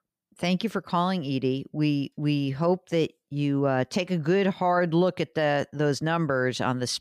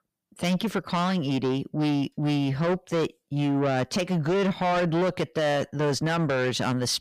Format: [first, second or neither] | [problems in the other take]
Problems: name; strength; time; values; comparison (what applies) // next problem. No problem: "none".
first | distortion; heavy; 8 dB below the speech